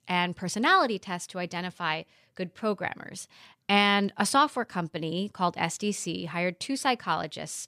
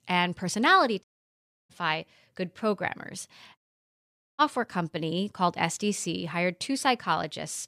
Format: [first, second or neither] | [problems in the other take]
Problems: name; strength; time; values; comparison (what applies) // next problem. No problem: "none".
first | audio cutting out; at 1 s for 0.5 s and at 3.5 s for 1 s